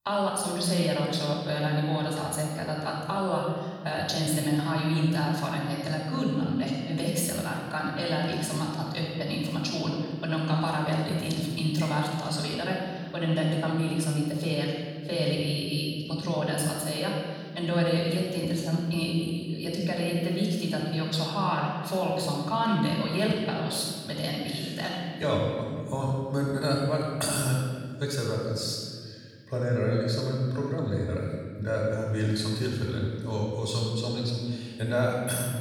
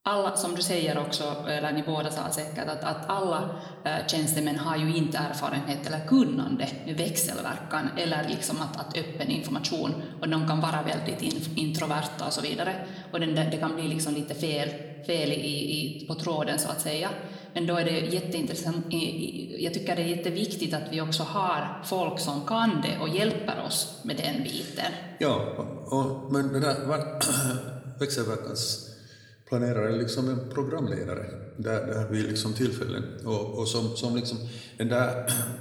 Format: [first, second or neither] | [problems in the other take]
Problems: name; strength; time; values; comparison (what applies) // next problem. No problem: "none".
second | room echo; strong; dies away in 1.8 s; slight in the second // off-mic speech; far; somewhat distant in the second